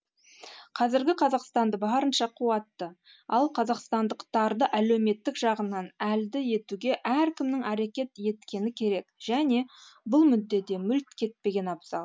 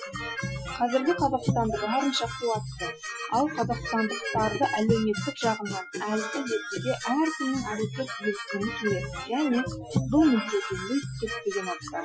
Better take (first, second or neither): first